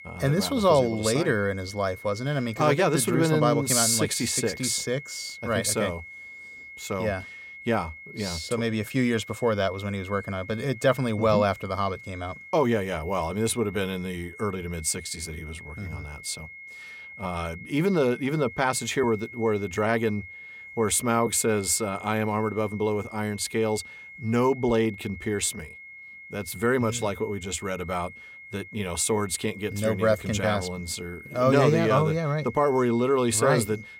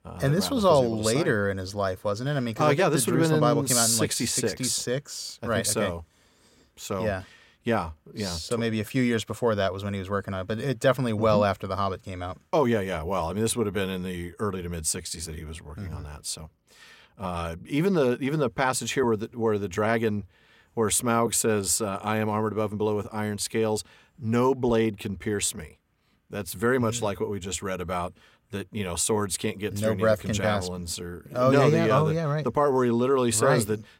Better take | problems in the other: second | high-pitched whine; noticeable; throughout; 2 kHz, 15 dB below the speech

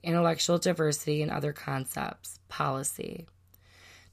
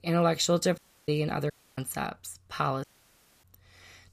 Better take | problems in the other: first | audio cutting out; at 1 s, at 1.5 s and at 3 s for 0.5 s

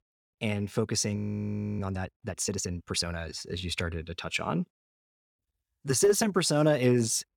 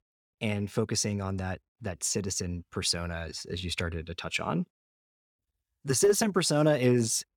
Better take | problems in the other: second | audio freezing; at 1 s for 0.5 s

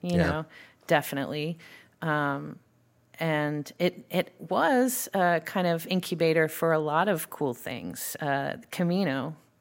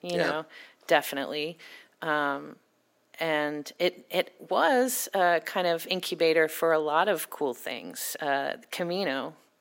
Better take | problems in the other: first | thin; somewhat; fading below 350 Hz

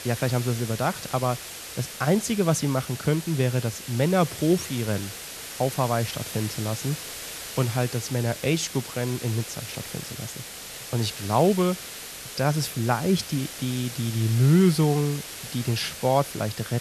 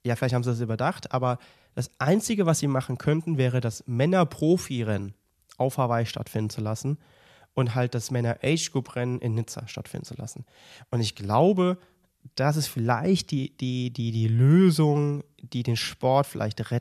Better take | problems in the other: second | hiss; loud; throughout; 10 dB below the speech

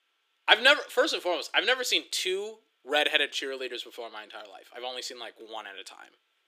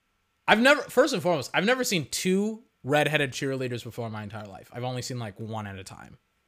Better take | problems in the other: second | thin; very; fading below 350 Hz

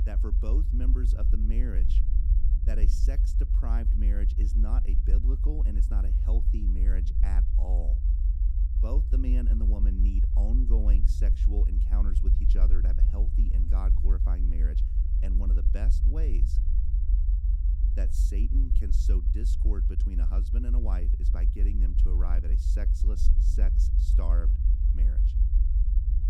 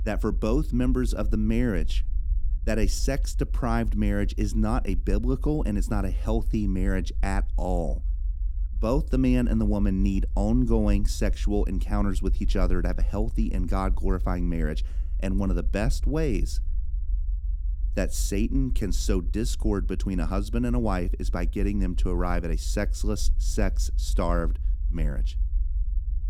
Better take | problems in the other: second | low rumble; loud; throughout; 3 dB below the speech; faint in the second

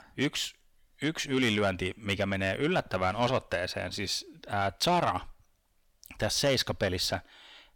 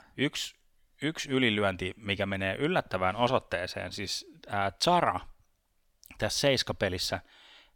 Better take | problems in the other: second | distortion; slight; 10 dB below the speech

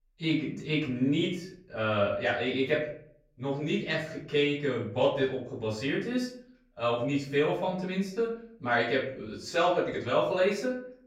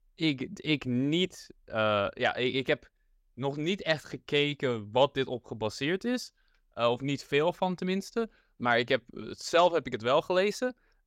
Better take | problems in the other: second | room echo; slight; dies away in 0.5 s // off-mic speech; far

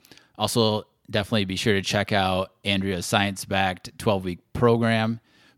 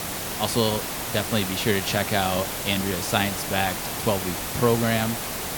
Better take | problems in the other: first | hiss; loud; throughout; 3 dB below the speech

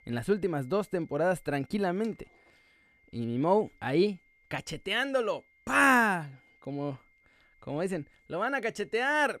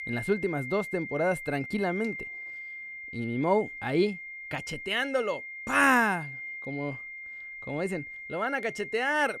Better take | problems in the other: first | high-pitched whine; loud; throughout; 2 kHz, 9 dB below the speech; faint in the first

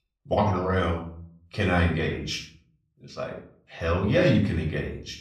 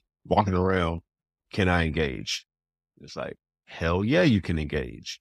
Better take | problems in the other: second | off-mic speech; somewhat distant // room echo; slight; dies away in 0.5 s

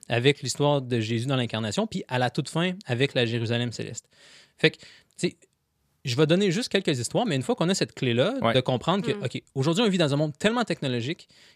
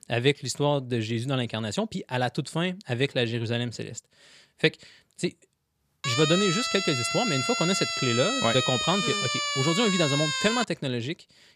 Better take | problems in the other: first | siren; loud; from 6 to 11 s; peak 2 dB above the speech

